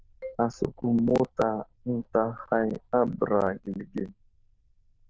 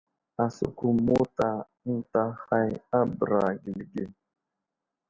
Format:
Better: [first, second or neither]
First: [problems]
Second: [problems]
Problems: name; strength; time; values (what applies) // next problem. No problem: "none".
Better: second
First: noise reduction (neural diffusion model UNIVERSE++)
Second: none